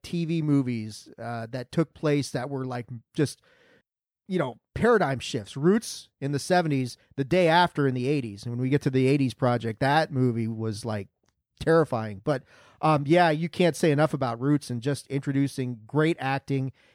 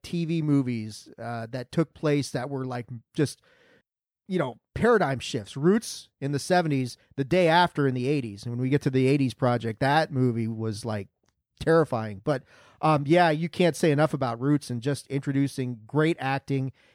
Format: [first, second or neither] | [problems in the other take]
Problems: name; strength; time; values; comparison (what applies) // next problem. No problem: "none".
neither | none